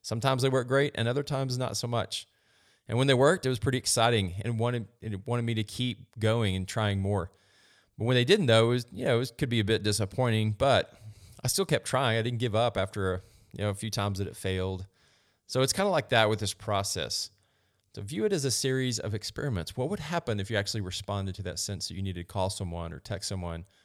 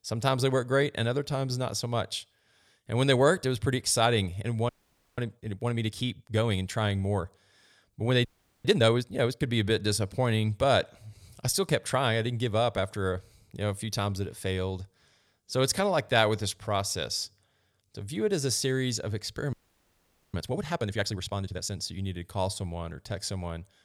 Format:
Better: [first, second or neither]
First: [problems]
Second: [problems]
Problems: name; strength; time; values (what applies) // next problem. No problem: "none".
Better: first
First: none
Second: audio freezing; at 4.5 s, at 8.5 s and at 20 s for 1 s